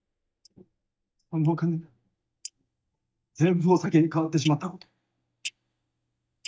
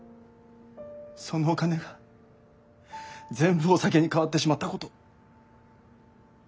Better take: second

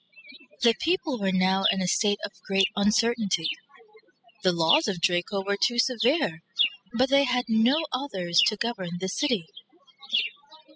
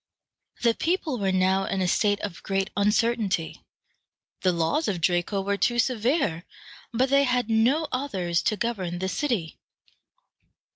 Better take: second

